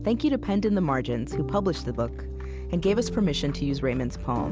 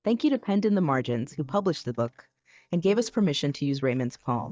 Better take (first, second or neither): first